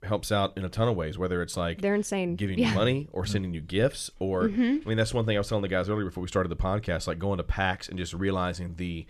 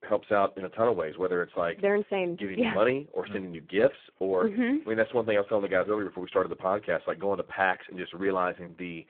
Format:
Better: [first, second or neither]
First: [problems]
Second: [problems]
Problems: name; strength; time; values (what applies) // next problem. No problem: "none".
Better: first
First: none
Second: phone-call audio; poor line